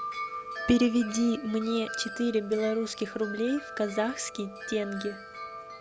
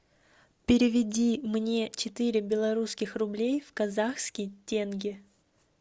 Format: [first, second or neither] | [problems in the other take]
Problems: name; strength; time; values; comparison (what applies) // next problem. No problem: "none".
second | background sound (Wind chime); 11 dB below the speech